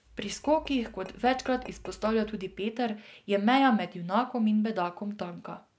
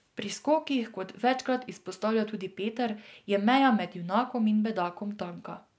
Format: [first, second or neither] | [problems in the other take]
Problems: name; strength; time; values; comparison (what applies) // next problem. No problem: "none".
second | background sound (Tap / Glass); 19 dB below the speech